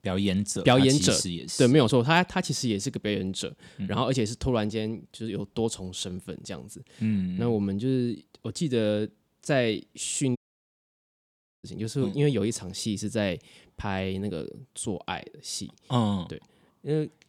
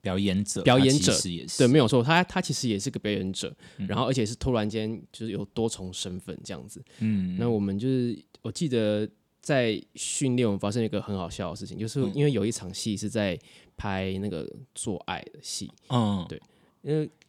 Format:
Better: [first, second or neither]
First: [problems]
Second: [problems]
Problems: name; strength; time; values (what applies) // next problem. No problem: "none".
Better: second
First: audio cutting out; at 10 s for 1.5 s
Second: none